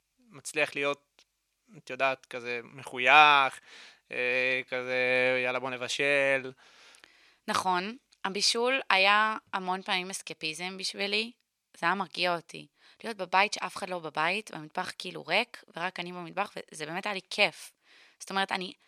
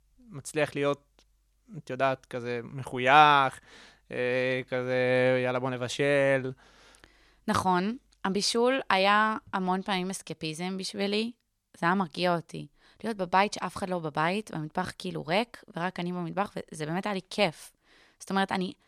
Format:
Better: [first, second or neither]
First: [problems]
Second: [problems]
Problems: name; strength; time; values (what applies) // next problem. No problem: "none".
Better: second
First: thin; very slightly; fading below 1 kHz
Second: none